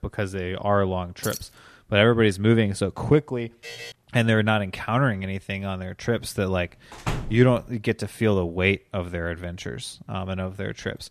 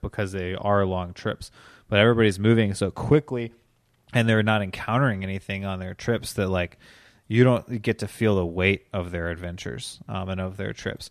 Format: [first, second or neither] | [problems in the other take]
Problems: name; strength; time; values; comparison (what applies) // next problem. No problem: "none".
second | jangling keys; noticeable; at 1 s; peak 10 dB below the speech // alarm; faint; at 3.5 s; peak 15 dB below the speech // door banging; noticeable; at 7 s; peak 6 dB below the speech